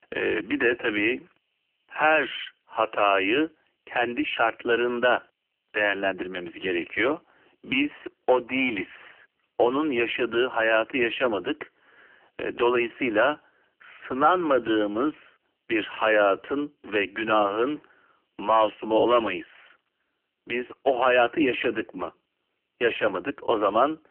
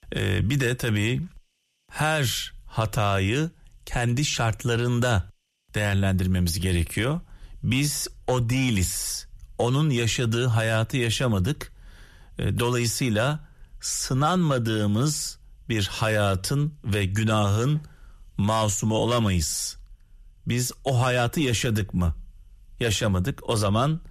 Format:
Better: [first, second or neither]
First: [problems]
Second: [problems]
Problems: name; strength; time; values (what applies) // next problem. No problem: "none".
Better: second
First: phone-call audio; poor line; nothing above 3 kHz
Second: none